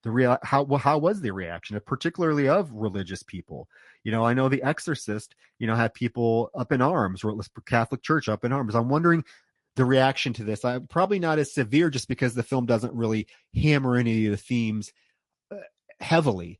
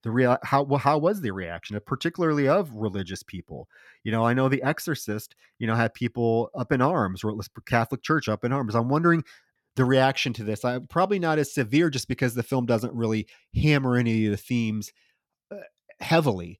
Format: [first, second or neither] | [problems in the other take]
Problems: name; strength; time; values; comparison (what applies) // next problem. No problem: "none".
second | garbled, watery; slightly; nothing above 11 kHz